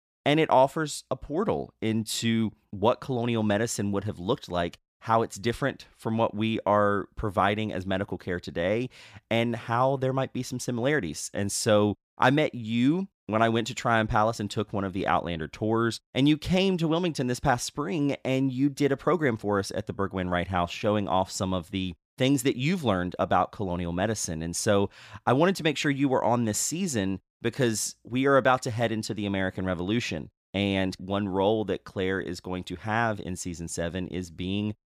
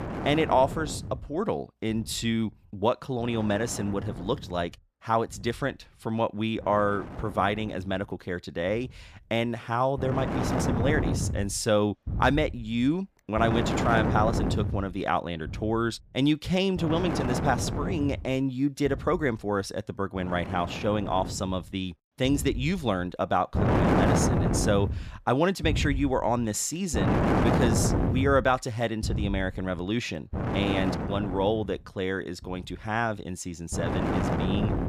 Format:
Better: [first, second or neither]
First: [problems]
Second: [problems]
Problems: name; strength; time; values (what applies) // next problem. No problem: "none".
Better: first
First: none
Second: wind noise on the microphone; heavy; 4 dB below the speech